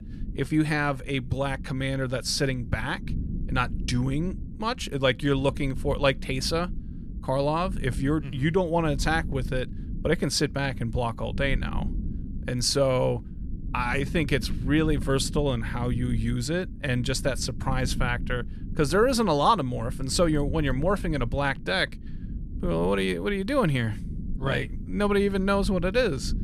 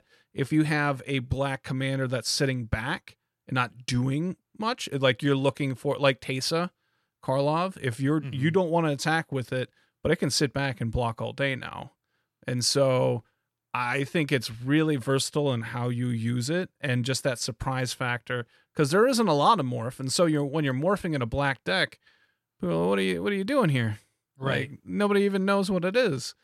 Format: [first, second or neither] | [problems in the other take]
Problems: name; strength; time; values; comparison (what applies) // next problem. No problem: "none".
second | low rumble; noticeable; throughout; 20 dB below the speech